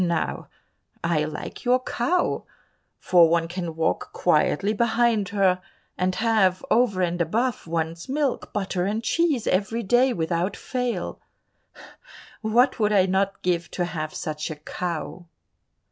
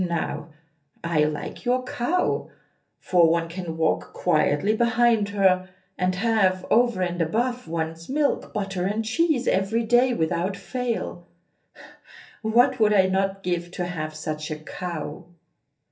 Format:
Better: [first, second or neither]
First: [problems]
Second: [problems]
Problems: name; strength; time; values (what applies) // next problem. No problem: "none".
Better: first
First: none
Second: room echo; dies away in 0.3 s